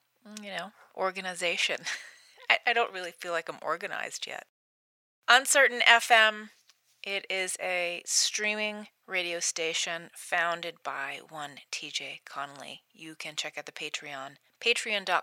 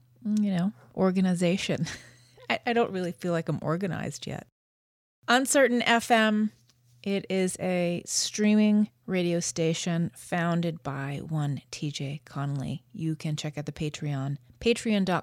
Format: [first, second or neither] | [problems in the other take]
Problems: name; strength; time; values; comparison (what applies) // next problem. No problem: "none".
second | thin; very; fading below 800 Hz